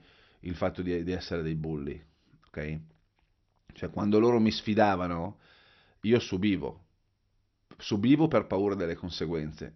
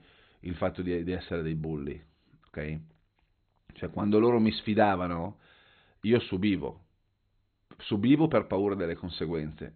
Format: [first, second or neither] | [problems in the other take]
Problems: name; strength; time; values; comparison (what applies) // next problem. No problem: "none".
first | garbled, watery; badly; nothing above 4 kHz; slightly in the first